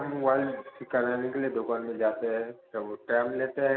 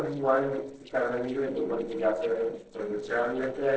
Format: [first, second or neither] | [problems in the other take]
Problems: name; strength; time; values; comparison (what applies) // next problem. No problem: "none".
first | noise reduction (neural separator model SepFormer DNS4)